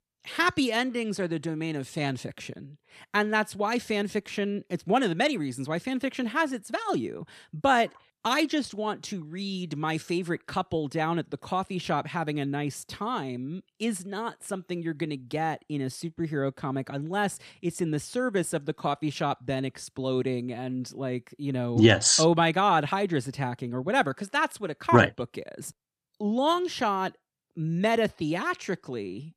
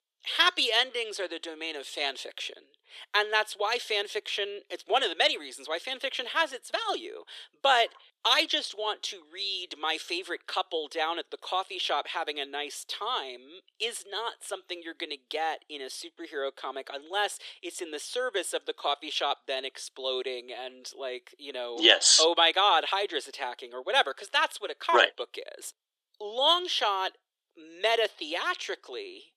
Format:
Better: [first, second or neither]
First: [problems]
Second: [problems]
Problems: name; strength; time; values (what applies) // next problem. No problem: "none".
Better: first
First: none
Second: thin; very; fading below 400 Hz